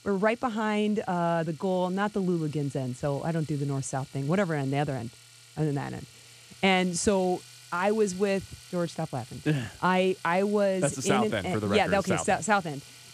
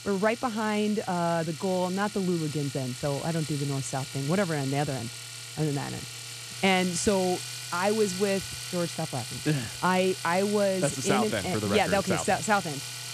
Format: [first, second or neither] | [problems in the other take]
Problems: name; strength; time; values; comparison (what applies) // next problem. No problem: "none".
first | household noises; loud; throughout; 8 dB below the speech; faint in the first